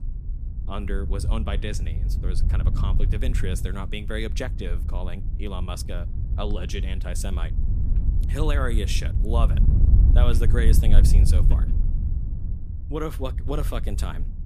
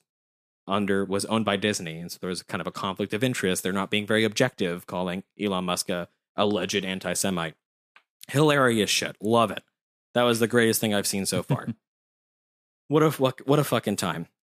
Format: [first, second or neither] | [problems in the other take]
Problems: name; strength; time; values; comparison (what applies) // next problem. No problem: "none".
second | wind noise on the microphone; heavy; 8 dB below the speech